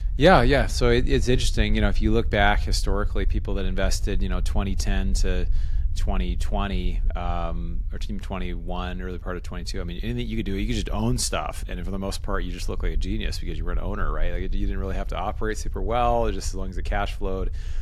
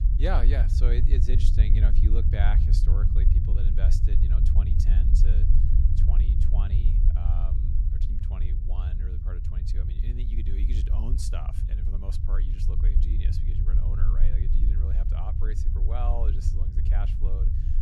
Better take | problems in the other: first | low rumble; loud; throughout; 2 dB below the speech; faint in the first

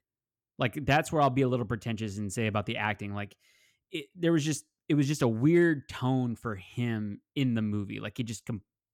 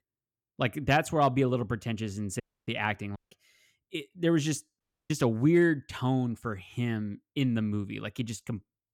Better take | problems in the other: first | audio cutting out; at 2.5 s, at 3 s and at 5 s

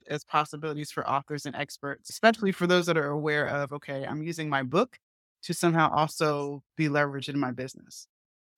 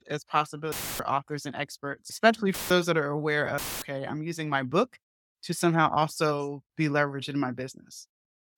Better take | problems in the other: first | audio cutting out; filled with static; at 0.5 s, at 2.5 s and at 3.5 s

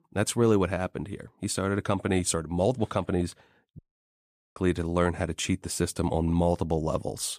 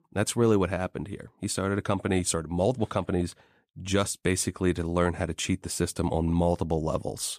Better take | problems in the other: second | audio cutting out; at 4 s for 1 s

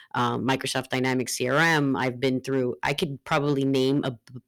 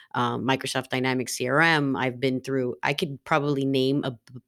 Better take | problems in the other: second | distortion; slight; 3% of the sound clipped

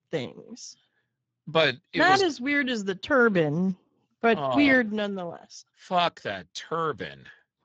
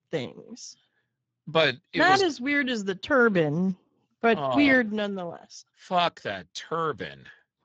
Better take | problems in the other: neither | garbled, watery; badly; the same in both

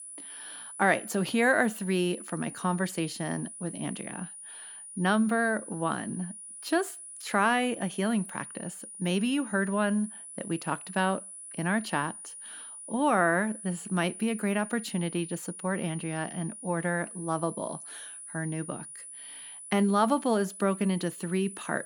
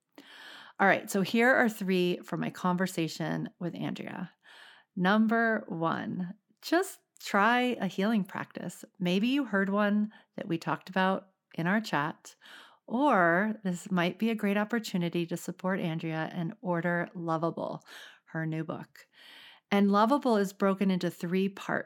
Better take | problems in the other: second | high-pitched whine; noticeable; throughout; 9.5 kHz, 10 dB below the speech

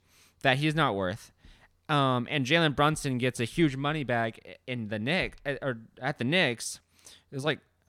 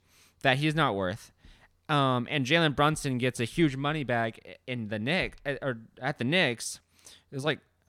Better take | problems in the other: neither | none

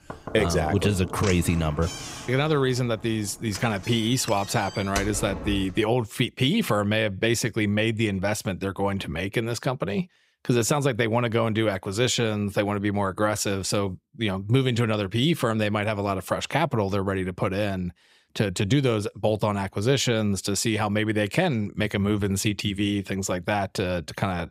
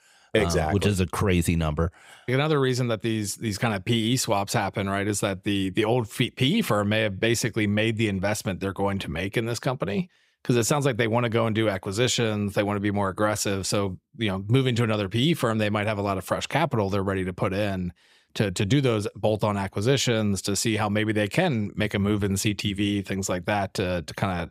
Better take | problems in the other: second | door banging; noticeable; until 6 s; peak 7 dB below the speech

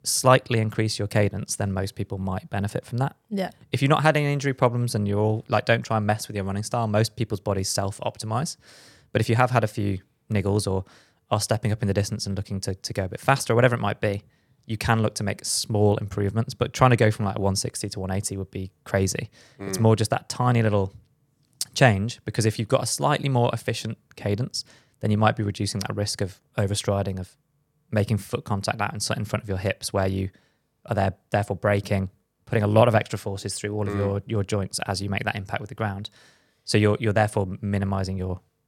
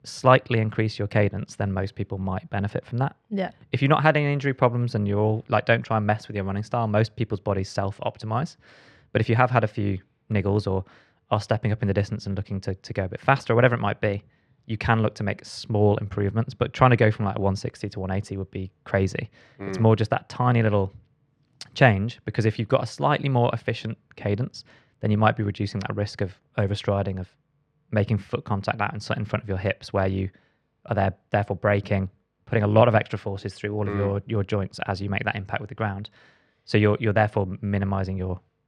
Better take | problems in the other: first | muffled; slightly; fading above 2.5 kHz

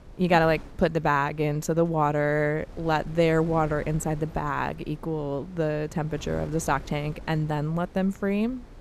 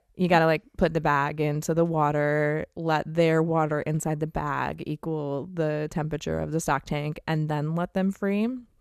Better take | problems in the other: second | wind noise on the microphone; occasional gusts; 25 dB below the speech

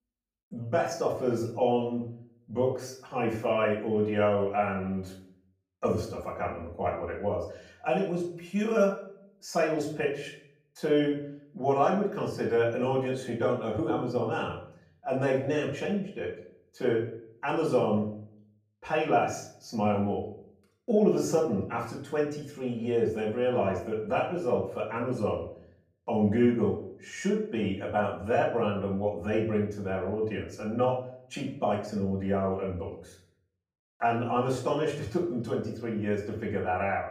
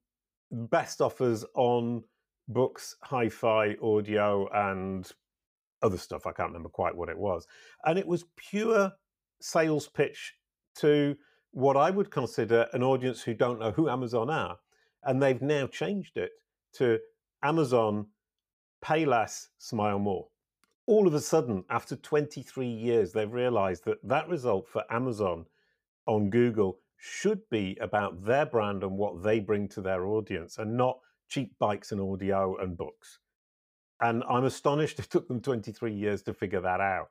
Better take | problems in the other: second | off-mic speech; far // room echo; slight; dies away in 0.5 s

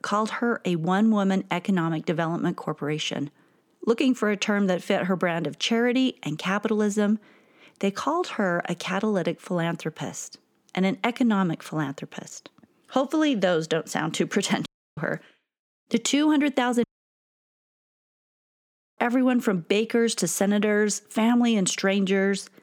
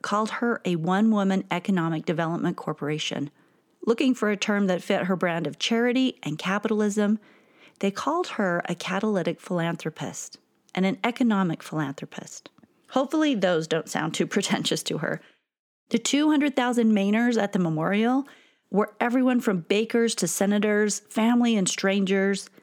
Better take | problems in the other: second | audio cutting out; at 15 s and at 17 s for 2 s

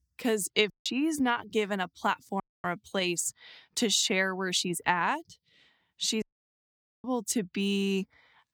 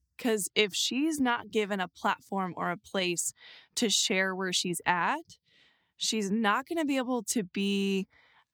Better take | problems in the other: second | audio cutting out; at 0.5 s, at 2.5 s and at 6 s for 1 s

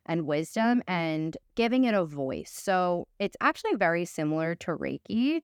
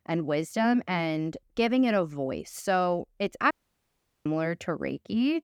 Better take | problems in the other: first | audio cutting out; at 3.5 s for 0.5 s

